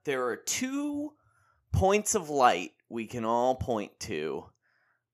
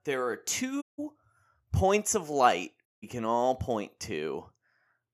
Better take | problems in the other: first | audio cutting out; at 1 s and at 3 s

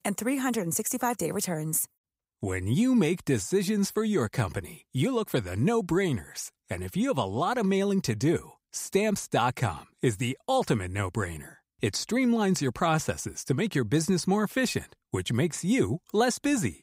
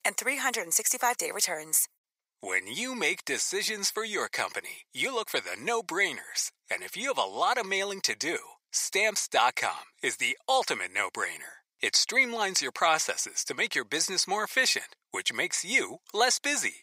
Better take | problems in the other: first | thin; very; fading below 700 Hz

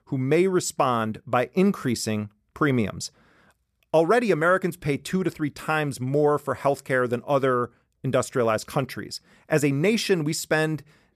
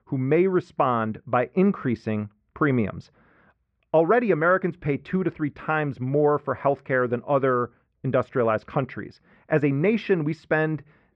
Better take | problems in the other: first | muffled; very; fading above 2.5 kHz

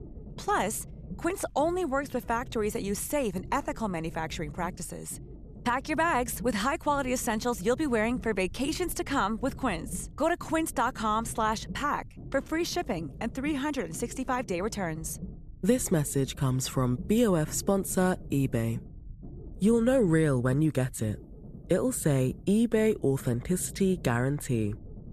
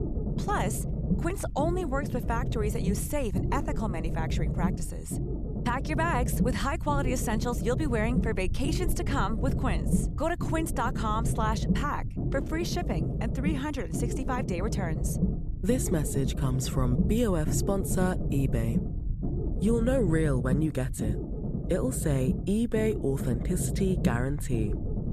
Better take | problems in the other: first | low rumble; loud; throughout; 8 dB below the speech; faint in the first

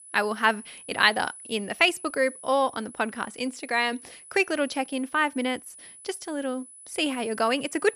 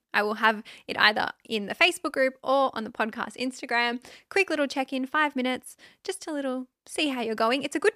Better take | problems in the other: second | high-pitched whine; noticeable; throughout; 10 kHz, 15 dB below the speech

